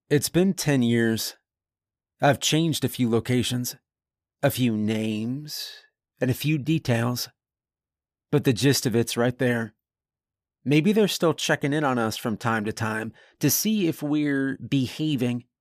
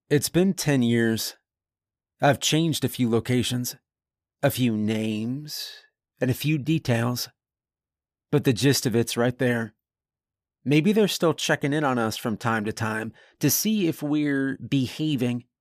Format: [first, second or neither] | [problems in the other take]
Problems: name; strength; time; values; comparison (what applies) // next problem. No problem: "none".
neither | none